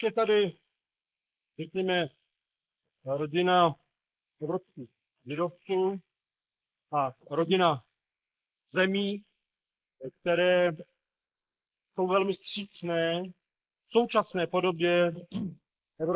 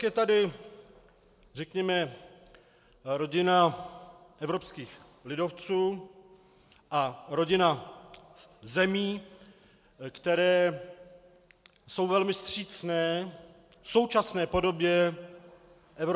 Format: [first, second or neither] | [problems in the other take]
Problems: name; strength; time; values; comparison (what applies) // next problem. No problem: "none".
second | noise reduction (neural mask model Resemble Enhance denoiser)